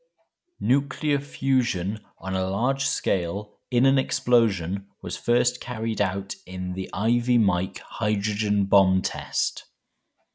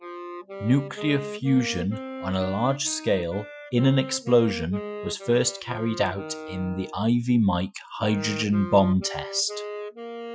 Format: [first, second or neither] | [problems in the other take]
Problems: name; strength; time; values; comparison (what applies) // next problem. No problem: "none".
first | noise reduction (classical method Wiener filter)